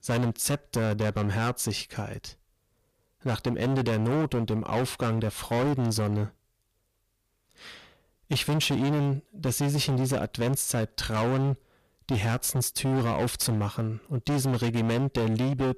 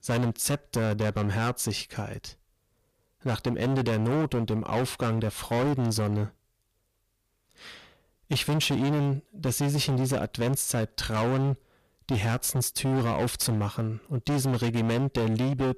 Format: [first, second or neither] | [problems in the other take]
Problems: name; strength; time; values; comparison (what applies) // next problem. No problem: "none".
neither | distortion; heavy; 21% of the sound clipped; the same in both